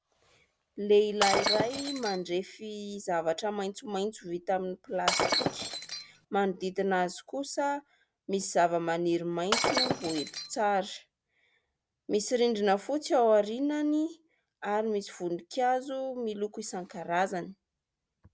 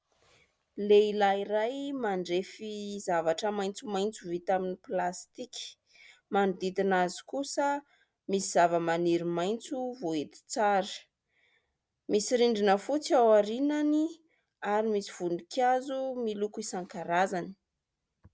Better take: second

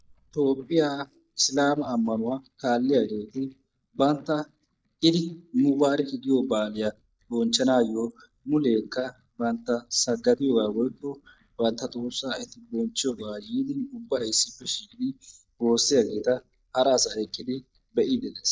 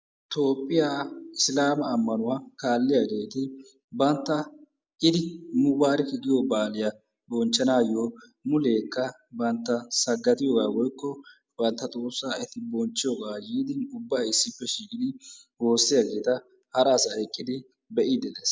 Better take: second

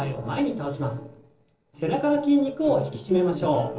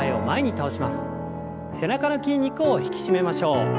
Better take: second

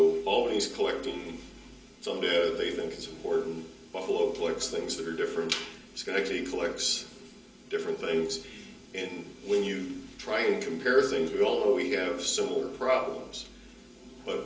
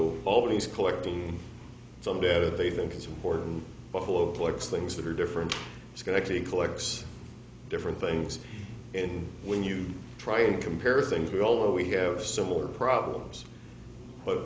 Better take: second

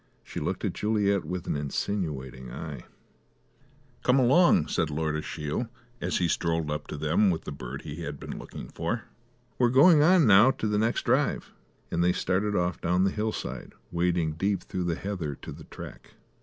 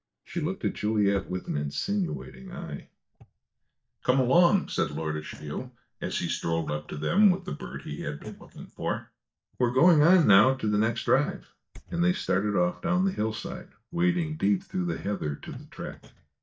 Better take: first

